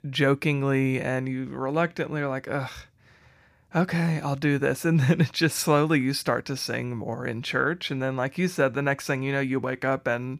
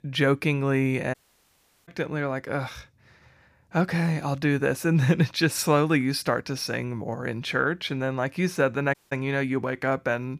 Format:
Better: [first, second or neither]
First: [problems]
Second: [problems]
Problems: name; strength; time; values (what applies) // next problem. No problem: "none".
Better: first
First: none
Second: audio cutting out; at 1 s for 0.5 s and at 9 s